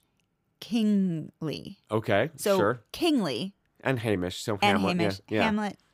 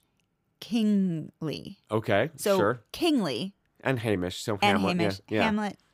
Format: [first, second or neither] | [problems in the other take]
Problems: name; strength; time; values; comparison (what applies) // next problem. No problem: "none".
neither | none